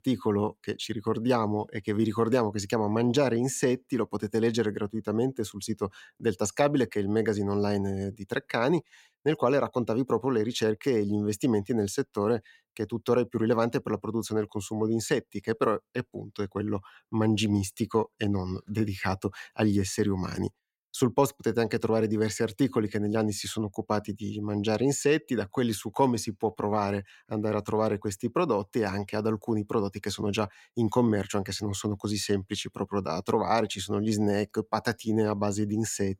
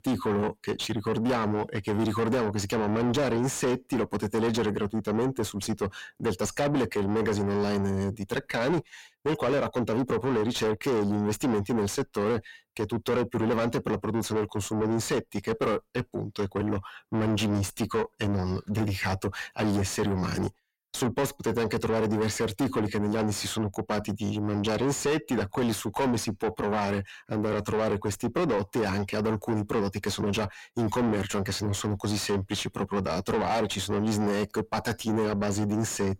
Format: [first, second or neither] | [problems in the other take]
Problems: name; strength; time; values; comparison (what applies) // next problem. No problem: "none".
first | distortion; heavy; 6 dB below the speech